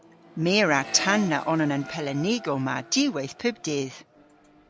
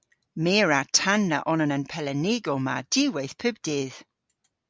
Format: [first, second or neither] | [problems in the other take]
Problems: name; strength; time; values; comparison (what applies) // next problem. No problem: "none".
second | background sound (Accelerating, revving, vroom); 16 dB below the speech